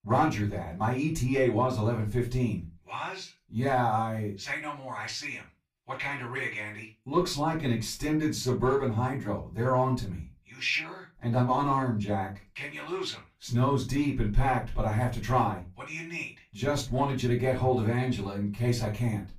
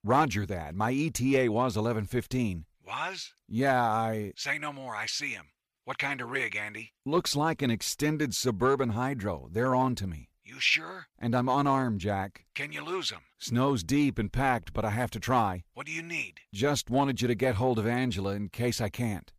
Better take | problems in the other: second | off-mic speech; far // room echo; very slight; dies away in 0.2 s

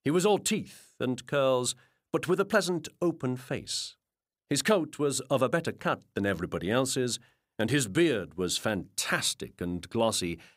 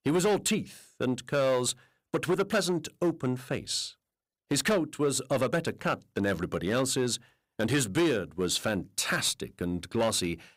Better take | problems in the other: first | distortion; slight; 6% of the sound clipped

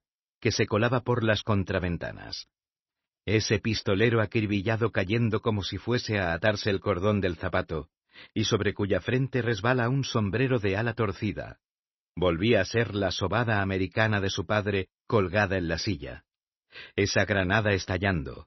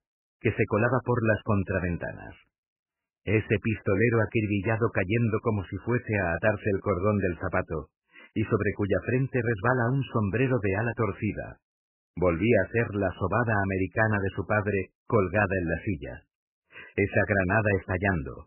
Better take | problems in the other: first | garbled, watery; badly; nothing above 2.5 kHz; slightly in the first

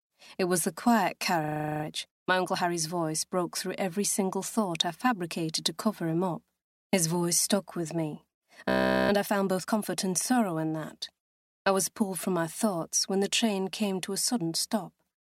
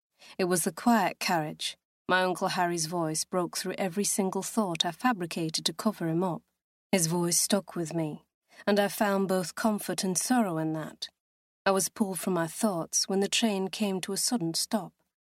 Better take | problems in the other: second | audio freezing; at 1.5 s and at 8.5 s

